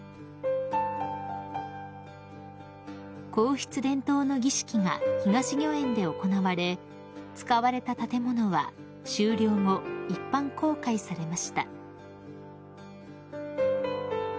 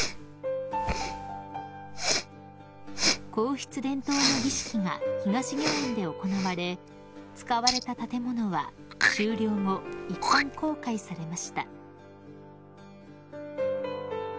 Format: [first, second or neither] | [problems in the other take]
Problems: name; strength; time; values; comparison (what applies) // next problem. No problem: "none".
first | background sound (Respiratory sounds); 3 dB below the speech